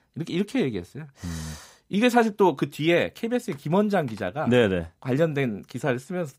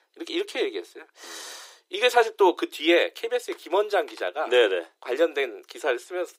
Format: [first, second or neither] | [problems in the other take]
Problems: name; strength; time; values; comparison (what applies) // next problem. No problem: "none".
first | thin; very; fading below 350 Hz